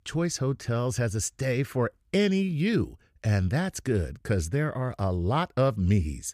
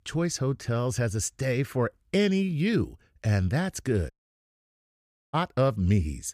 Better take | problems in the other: first | audio cutting out; at 4 s for 1 s

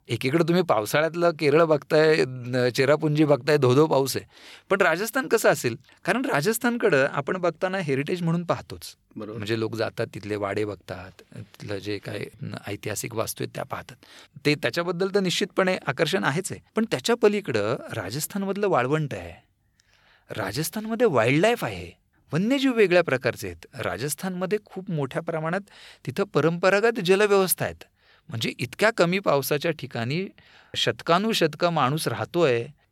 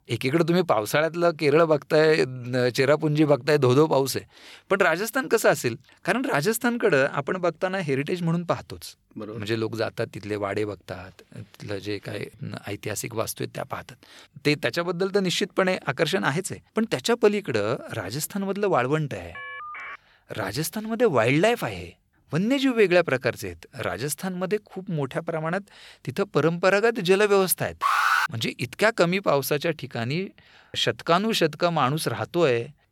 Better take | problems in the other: first | phone ringing; faint; at 19 s; peak 10 dB below the speech // alarm; loud; at 28 s; peak 4 dB above the speech

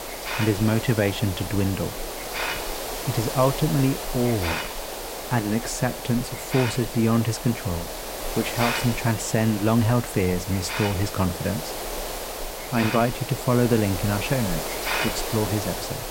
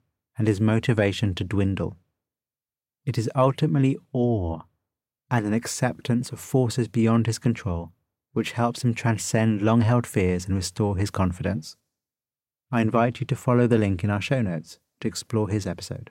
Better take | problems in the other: second | hiss; loud; throughout; 5 dB below the speech

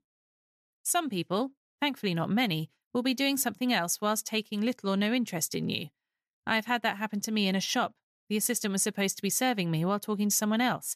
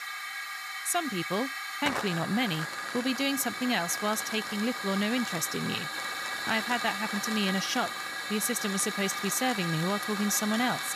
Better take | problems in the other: first | hiss; loud; throughout; 3 dB below the speech

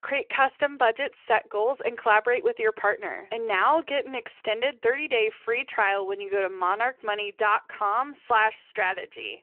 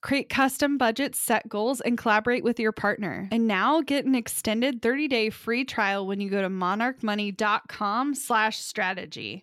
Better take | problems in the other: second | phone-call audio

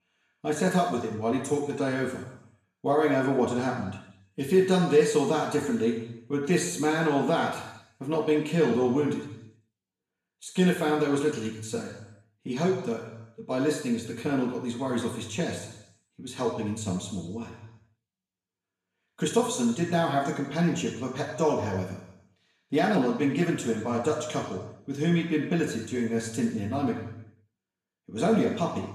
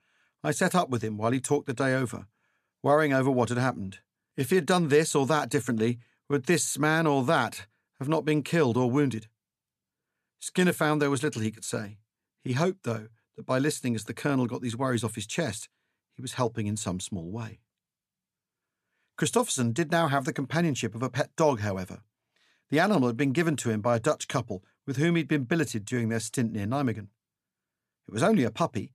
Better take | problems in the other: second | room echo; noticeable; dies away in 0.8 s // off-mic speech; far

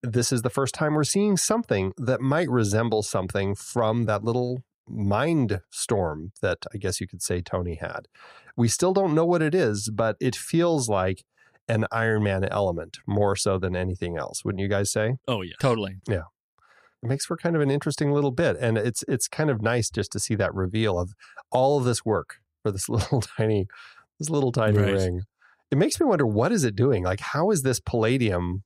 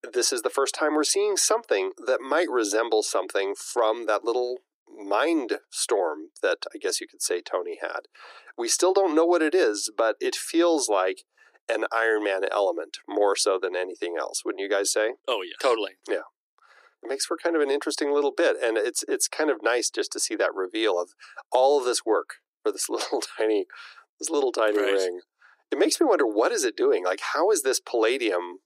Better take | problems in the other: first | thin; very; fading below 300 Hz

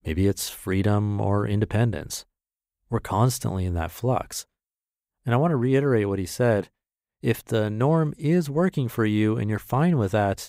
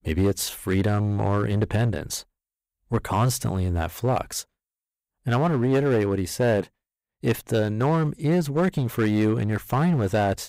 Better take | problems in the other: first | distortion; slight; 8% of the sound clipped

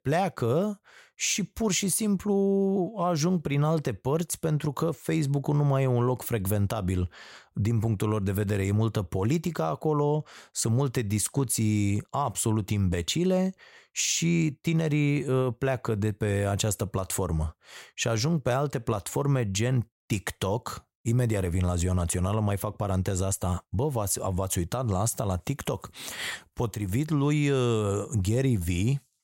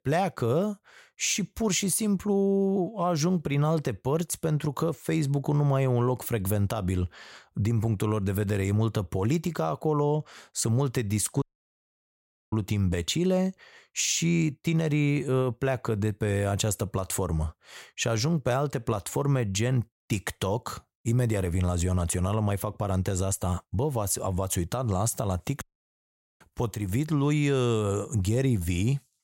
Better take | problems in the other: first | audio cutting out; at 11 s for 1 s and at 26 s for 1 s

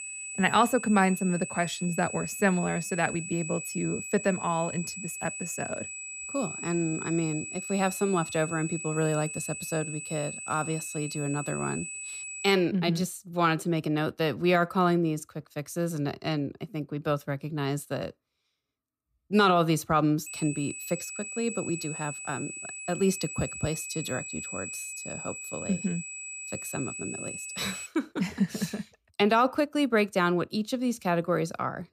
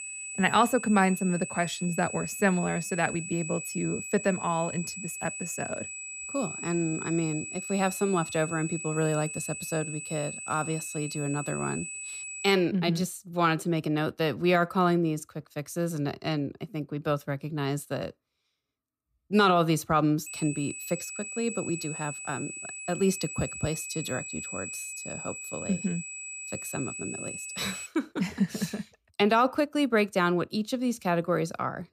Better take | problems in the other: neither | high-pitched whine; loud; until 13 s and from 20 to 28 s; 8 kHz, 7 dB below the speech; the same in both

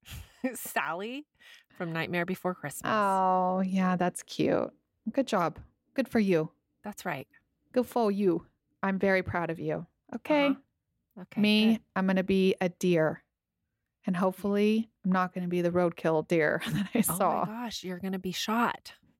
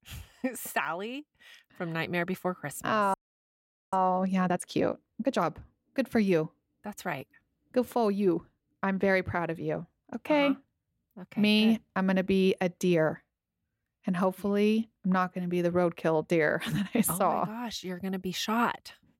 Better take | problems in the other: first | audio freezing; at 3 s for 1 s

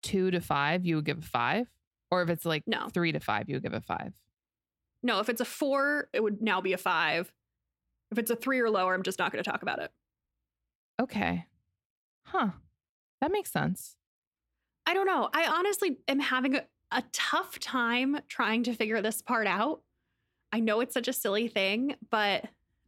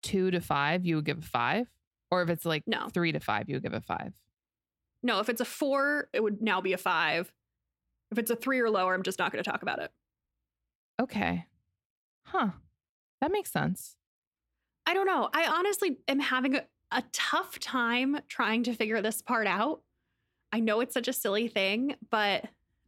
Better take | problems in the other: neither | none

